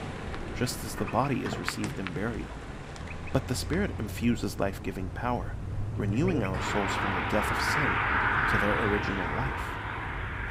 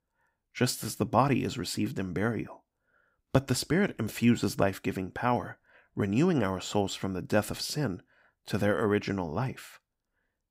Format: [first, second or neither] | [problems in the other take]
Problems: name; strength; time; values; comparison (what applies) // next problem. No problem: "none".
second | traffic noise; very loud; throughout; 1 dB above the speech